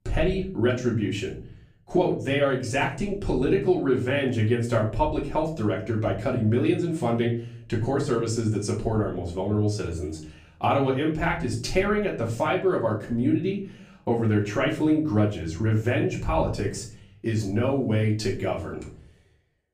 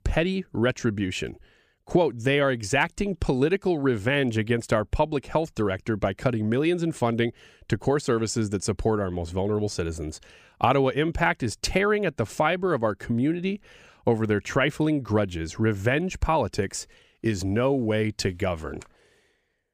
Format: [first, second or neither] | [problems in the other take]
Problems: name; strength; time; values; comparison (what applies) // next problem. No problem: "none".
second | off-mic speech; far // room echo; slight; dies away in 0.5 s